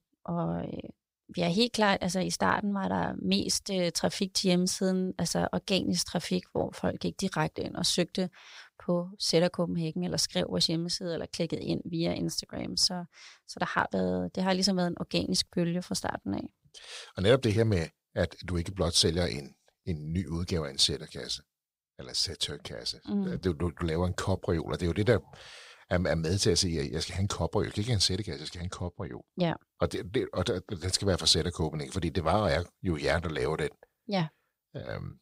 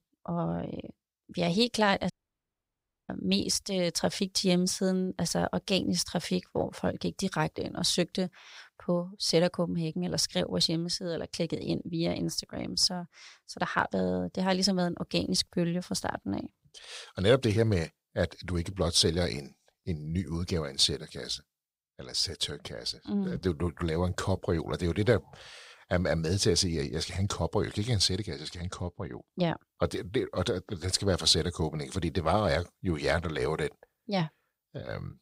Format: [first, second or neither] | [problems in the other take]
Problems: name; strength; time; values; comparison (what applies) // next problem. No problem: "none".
first | audio cutting out; at 2 s for 1 s